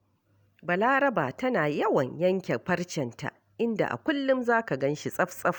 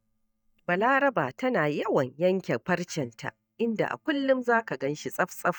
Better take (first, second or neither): first